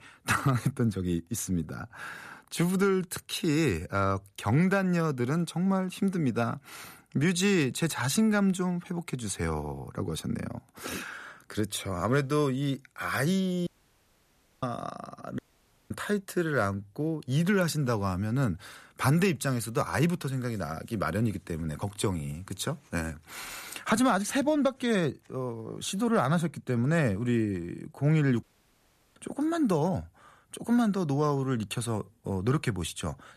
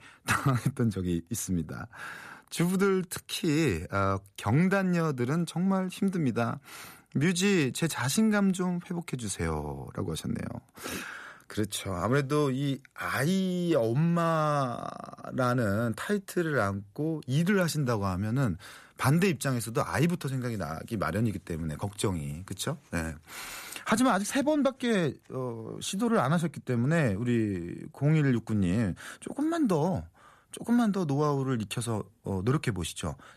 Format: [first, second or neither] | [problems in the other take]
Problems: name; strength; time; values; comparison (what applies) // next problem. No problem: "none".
second | audio cutting out; at 14 s for 1 s, at 15 s for 0.5 s and at 28 s for 0.5 s